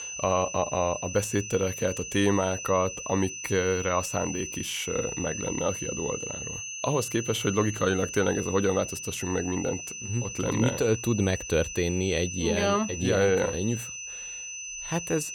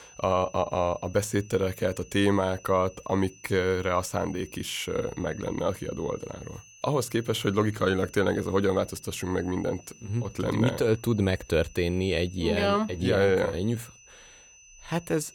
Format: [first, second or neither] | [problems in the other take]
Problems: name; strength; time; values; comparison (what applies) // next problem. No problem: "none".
second | high-pitched whine; loud; throughout; 6 kHz, 7 dB below the speech; faint in the second